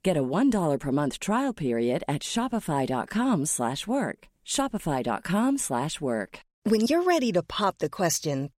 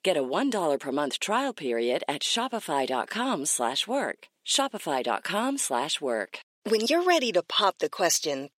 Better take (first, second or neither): first